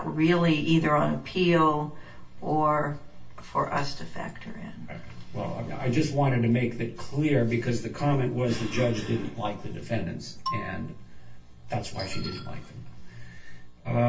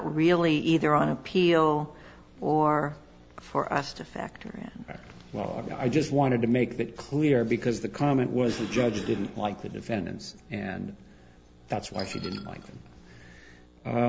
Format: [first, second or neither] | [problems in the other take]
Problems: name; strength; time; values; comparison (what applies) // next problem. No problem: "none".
second | background sound (Marimba, xylophone); 12 dB below the speech // room echo; dies away in 0.2 s